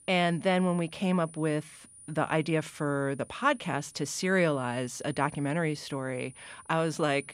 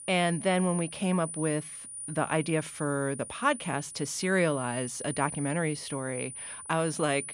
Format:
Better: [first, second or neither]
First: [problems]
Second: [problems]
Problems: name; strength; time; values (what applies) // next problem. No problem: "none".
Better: first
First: high-pitched whine; faint; throughout; 9.5 kHz, 20 dB below the speech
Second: high-pitched whine; loud; throughout; 9.5 kHz, 9 dB below the speech